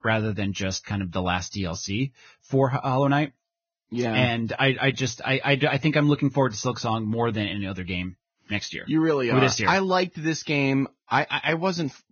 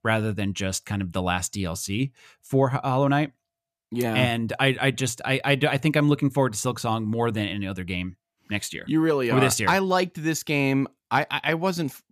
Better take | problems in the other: second | garbled, watery; badly; nothing above 6.5 kHz

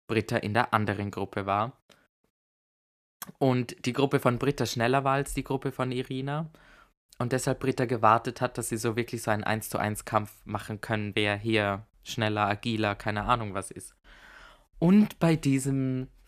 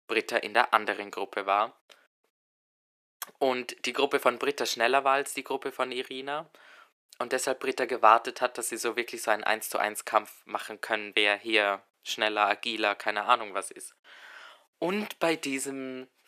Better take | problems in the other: first | thin; very; fading below 400 Hz

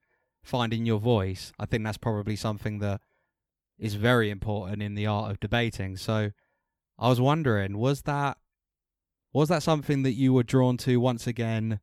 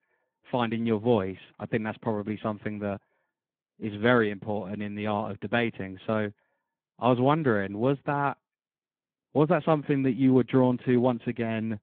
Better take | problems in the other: first | phone-call audio

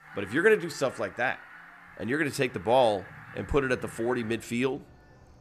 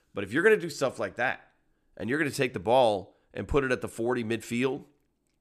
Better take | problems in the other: second | animal sounds; noticeable; throughout; 20 dB below the speech

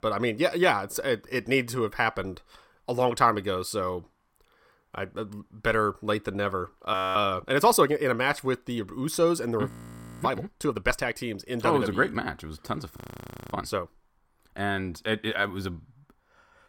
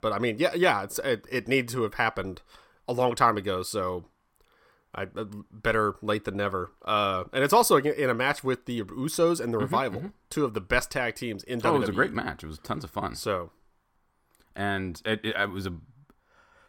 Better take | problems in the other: second | audio freezing; at 7 s, at 9.5 s for 0.5 s and at 13 s for 0.5 s

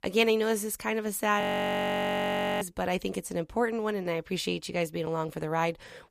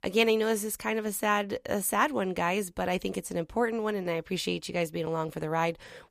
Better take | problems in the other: second | audio freezing; at 1.5 s for 1 s

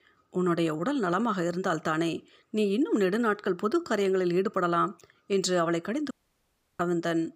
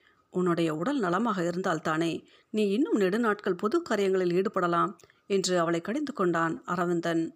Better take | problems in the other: second | audio cutting out; at 6 s for 0.5 s

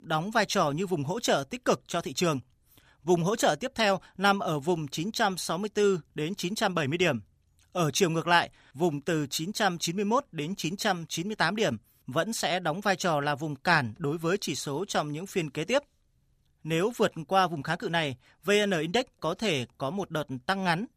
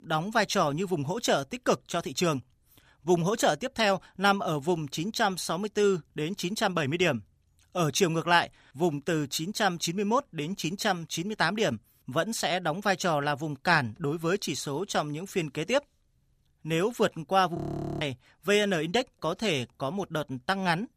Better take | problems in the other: first | audio freezing; at 18 s

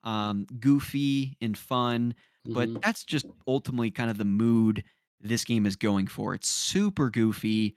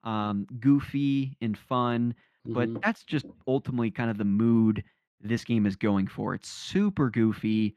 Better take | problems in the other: first | muffled; slightly; fading above 4 kHz

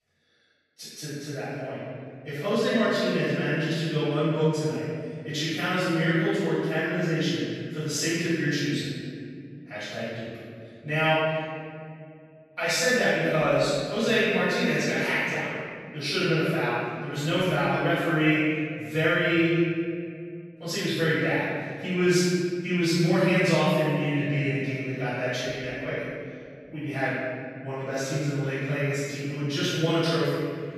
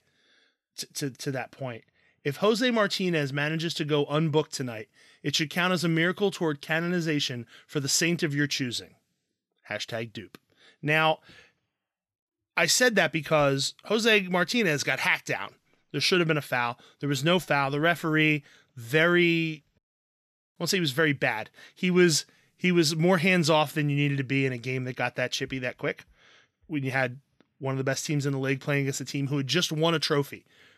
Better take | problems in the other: second | room echo; strong; dies away in 2.2 s // off-mic speech; far

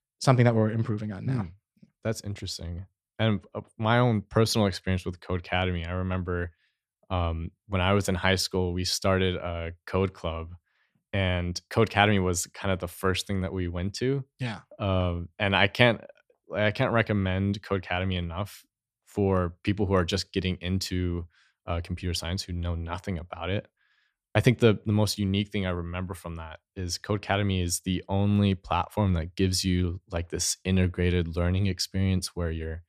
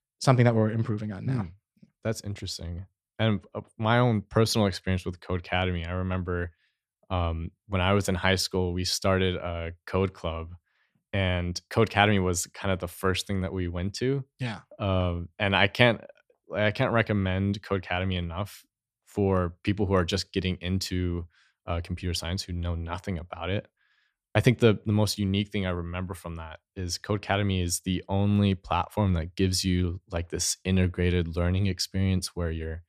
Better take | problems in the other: neither | none

